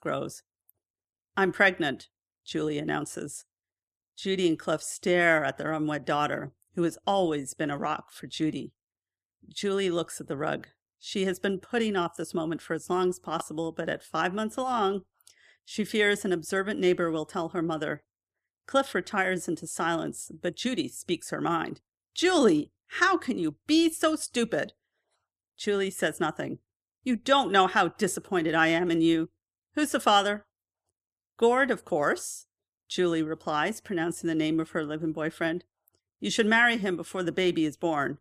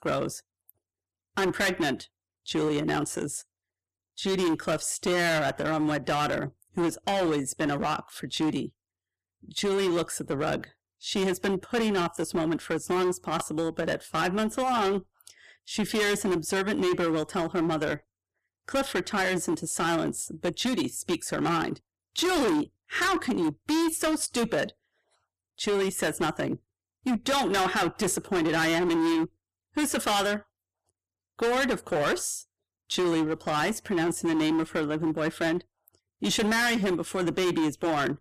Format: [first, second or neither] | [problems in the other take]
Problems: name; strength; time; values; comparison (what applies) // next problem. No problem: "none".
first | distortion; heavy; 18% of the sound clipped